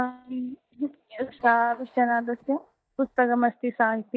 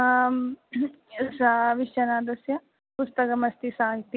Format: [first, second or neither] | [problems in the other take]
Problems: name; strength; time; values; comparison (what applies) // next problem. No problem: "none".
second | noise reduction (neural mask model DeepFilterNet 3)